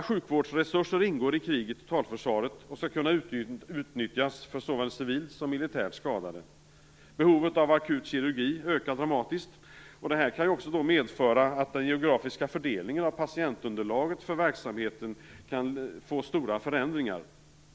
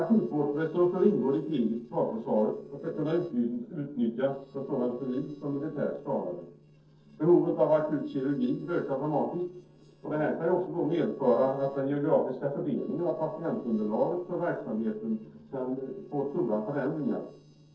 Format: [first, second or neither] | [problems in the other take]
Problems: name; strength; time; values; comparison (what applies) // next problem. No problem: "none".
first | noise reduction (neural separator model SepFormer DNS4)